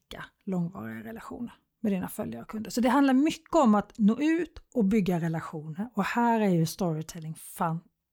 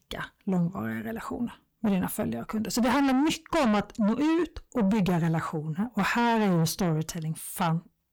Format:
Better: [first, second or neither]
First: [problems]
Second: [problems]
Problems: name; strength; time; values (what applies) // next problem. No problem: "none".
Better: first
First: none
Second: distortion; heavy; 7 dB below the speech